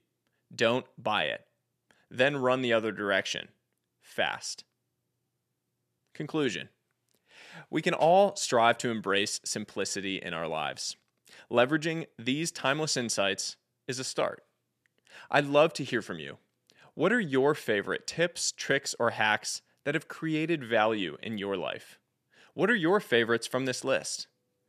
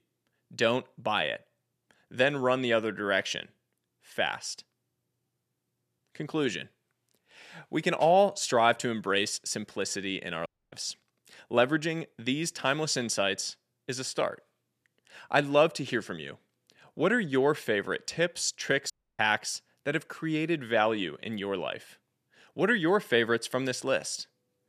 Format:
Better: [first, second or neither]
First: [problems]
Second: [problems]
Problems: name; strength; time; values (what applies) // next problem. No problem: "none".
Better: first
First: none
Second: audio cutting out; at 10 s and at 19 s